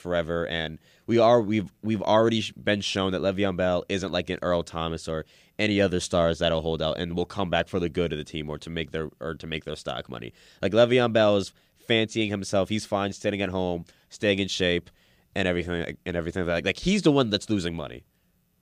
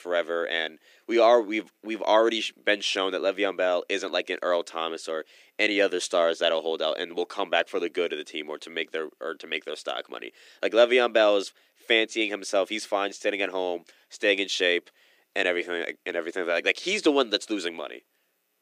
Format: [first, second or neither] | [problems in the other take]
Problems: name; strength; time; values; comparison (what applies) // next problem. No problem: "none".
first | thin; somewhat; fading below 300 Hz